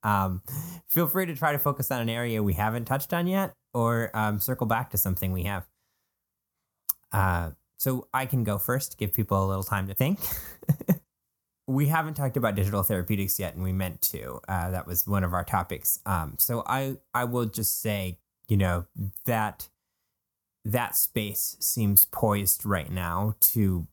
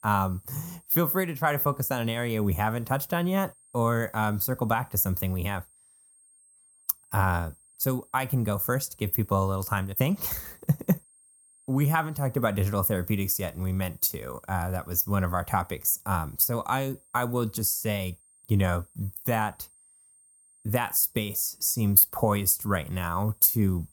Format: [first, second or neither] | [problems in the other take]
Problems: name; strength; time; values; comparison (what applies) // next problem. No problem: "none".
first | high-pitched whine; faint; throughout; 8.5 kHz, 30 dB below the speech